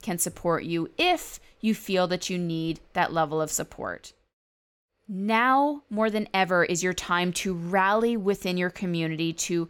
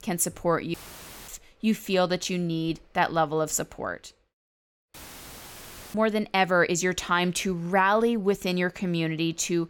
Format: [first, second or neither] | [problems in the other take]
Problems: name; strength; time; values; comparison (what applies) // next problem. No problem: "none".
first | audio cutting out; filled with static; at 0.5 s for 0.5 s and at 5 s for 1 s